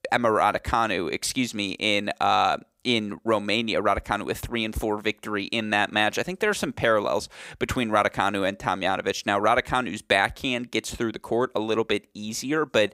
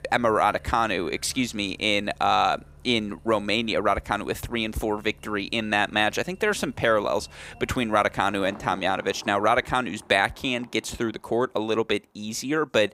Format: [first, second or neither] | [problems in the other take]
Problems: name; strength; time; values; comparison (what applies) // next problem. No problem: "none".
first | traffic noise; faint; throughout; 25 dB below the speech